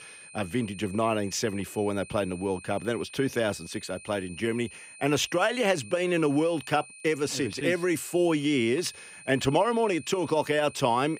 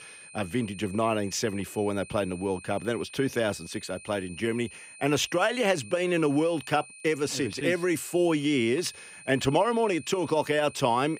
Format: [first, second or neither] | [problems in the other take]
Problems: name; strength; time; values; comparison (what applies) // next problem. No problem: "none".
neither | high-pitched whine; noticeable; throughout; 2.5 kHz, 20 dB below the speech; the same in both